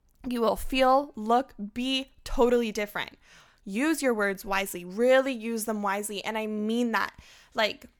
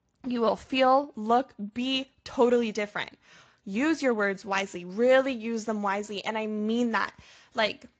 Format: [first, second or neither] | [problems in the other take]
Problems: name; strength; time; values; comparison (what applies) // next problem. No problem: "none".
first | garbled, watery; slightly; nothing above 7.5 kHz